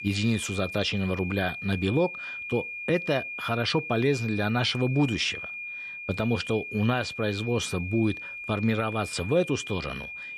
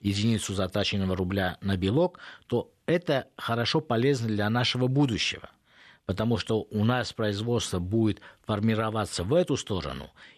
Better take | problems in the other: second | high-pitched whine; loud; throughout; 2.5 kHz, 8 dB below the speech

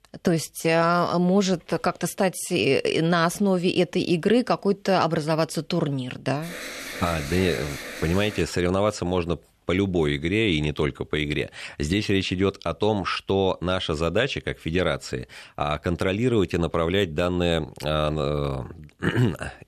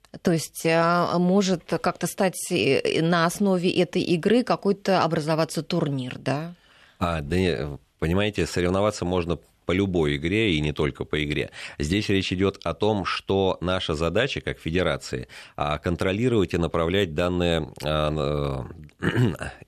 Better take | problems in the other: second | alarm; noticeable; from 6.5 to 8.5 s; peak 8 dB below the speech

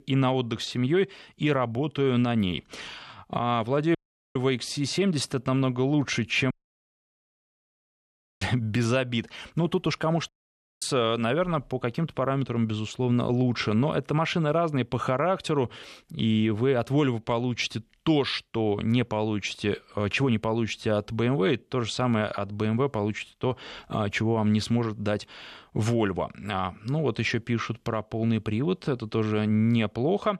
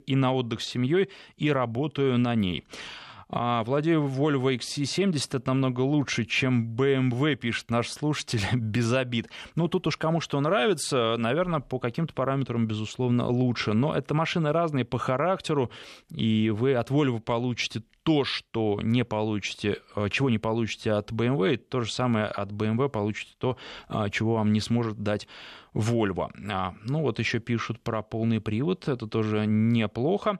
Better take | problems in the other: second | audio cutting out; at 4 s, at 6.5 s for 2 s and at 10 s for 0.5 s

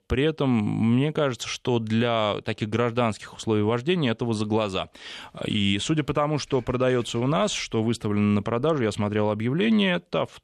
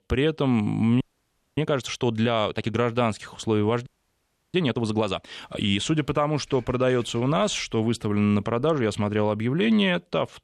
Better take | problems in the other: first | audio freezing; at 1 s for 0.5 s and at 4 s for 0.5 s

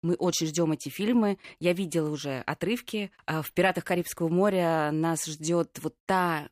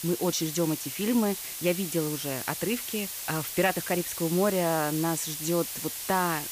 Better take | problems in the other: first | hiss; loud; throughout; 5 dB below the speech

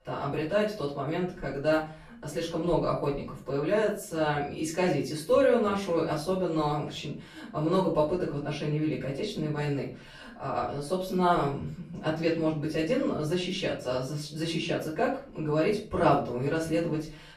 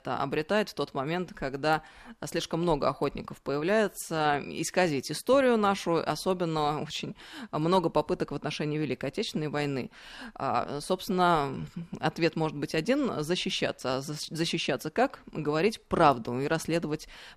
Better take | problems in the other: second | off-mic speech; far // room echo; slight; dies away in 0.4 s

